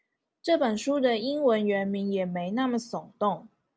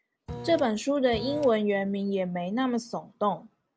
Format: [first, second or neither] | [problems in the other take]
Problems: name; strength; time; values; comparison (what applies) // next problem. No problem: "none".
first | background sound (Printer); 10 dB below the speech